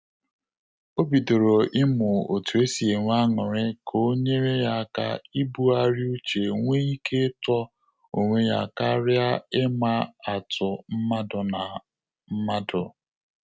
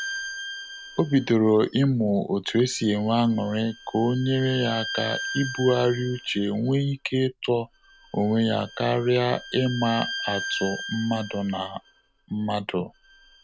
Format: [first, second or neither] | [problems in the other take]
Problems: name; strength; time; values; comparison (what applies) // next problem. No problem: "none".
first | background sound (Bowed string instrument); 13 dB below the speech